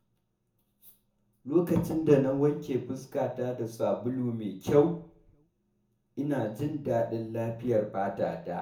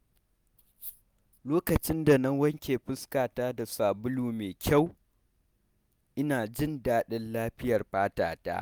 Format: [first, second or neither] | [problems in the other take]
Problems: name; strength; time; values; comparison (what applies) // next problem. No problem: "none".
second | room echo; dies away in 0.5 s